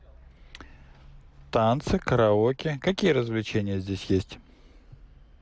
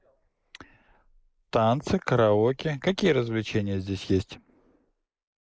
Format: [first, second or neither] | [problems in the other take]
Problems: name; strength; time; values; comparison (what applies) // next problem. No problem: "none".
first | noise reduction (neural mask model Resemble Enhance denoiser)